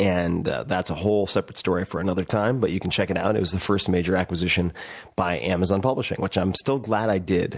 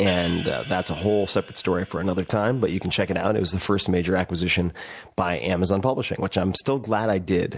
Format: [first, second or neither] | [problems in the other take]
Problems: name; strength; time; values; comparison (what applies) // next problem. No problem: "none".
first | background sound (Hi-hat); 15 dB below the speech